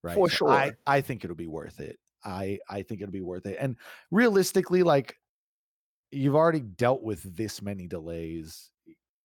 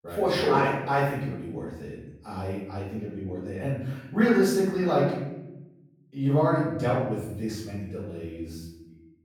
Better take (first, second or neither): first